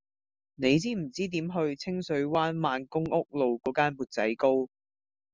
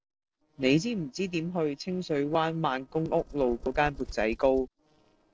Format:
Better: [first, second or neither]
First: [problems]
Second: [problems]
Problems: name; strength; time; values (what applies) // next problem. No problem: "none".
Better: first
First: none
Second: noise reduction (neural separator model SepFormer DNS4)